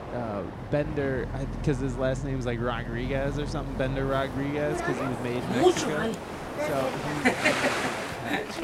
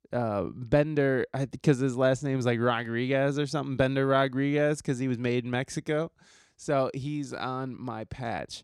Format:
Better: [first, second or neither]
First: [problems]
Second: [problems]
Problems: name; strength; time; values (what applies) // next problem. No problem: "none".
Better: second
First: train or aircraft noise; very loud; throughout; 1 dB above the speech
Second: none